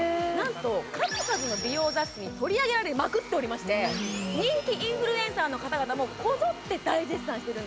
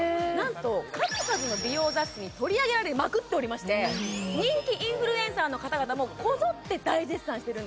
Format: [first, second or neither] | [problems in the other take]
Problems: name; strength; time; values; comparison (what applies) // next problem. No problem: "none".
second | background sound (Piano + Domestic sounds, home sounds); 15 dB below the speech